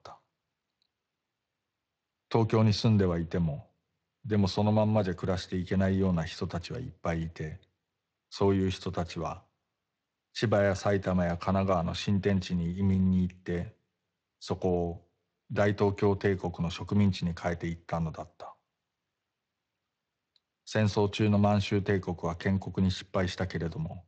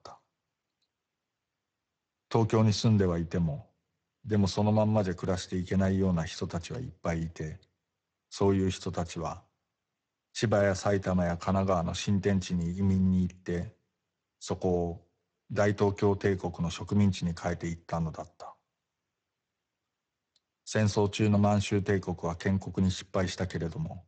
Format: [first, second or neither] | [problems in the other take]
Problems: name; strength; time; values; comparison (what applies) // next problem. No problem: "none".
first | garbled, watery; badly; nothing above 8 kHz; slightly in the first